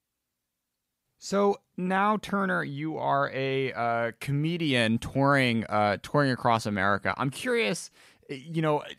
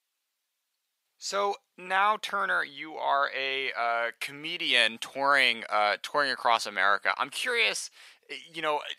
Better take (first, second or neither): first